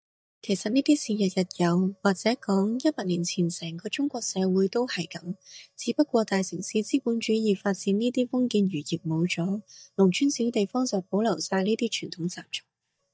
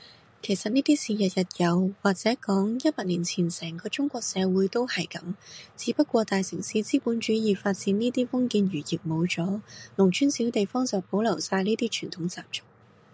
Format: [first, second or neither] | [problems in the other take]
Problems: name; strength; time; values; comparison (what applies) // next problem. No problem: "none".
second | noise reduction (neural mask model DeepFilterNet 3)